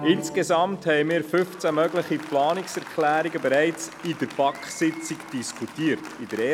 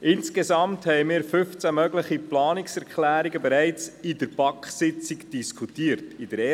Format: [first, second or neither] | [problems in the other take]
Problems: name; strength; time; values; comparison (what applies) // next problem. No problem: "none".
second | background sound (Applause); 16 dB below the speech